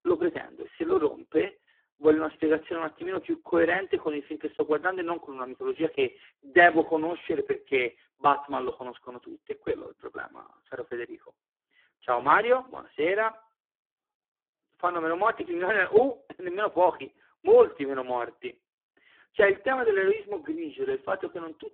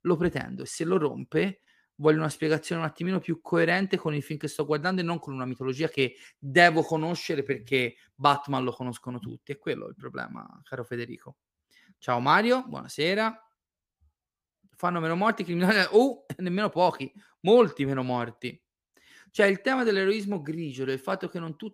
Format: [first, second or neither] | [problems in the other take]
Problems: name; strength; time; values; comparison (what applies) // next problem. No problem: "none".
second | phone-call audio; poor line